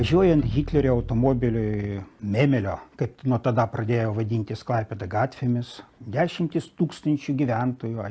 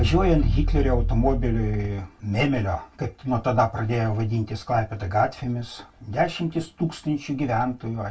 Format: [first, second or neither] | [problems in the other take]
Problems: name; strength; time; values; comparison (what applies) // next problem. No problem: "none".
first | room echo; dies away in 0.1 s